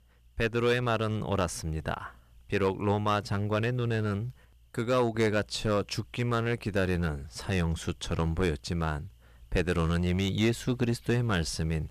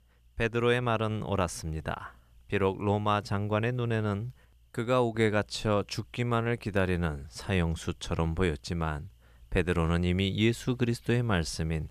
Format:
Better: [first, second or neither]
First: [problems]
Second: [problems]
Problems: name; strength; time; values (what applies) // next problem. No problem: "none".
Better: second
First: distortion; slight; 4% of the sound clipped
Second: none